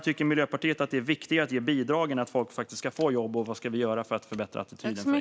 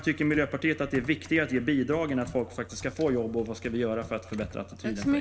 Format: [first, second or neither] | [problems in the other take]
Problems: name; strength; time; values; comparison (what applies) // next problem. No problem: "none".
first | background sound (Computer keyboard); 16 dB below the speech // room echo; dies away in 1.2 s